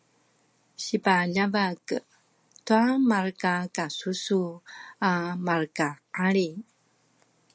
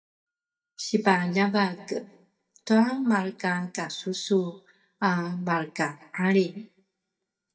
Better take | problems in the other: first | noise reduction (neural mask model DeepFilterNet 3)

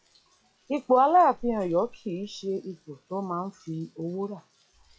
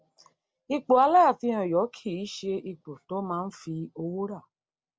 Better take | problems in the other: second | noise reduction (classical method log-MMSE)

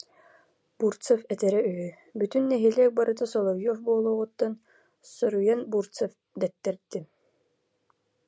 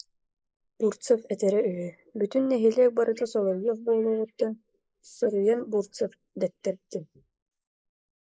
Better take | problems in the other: first | noise reduction (neural mask model Resemble Enhance denoiser)

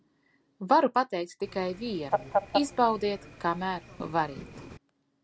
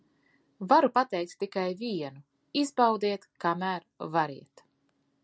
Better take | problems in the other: second | background sound (Fowl); 5 dB below the speech

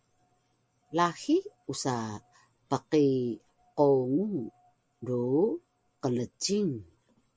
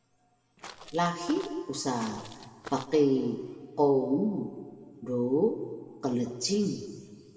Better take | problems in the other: first | background sound (Walk, footsteps); 17 dB below the speech // room echo; dies away in 1.8 s

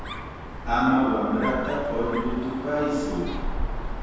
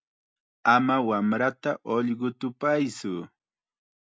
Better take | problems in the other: second | background sound (Dog); 5 dB below the speech // room echo; dies away in 1.2 s

